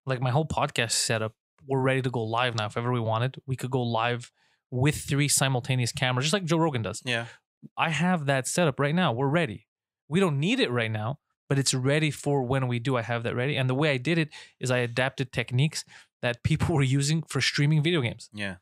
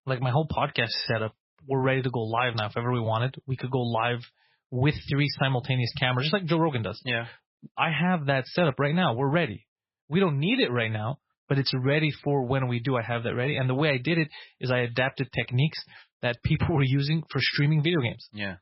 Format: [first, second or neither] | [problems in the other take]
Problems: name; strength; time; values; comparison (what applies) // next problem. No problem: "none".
first | garbled, watery; badly; nothing above 5.5 kHz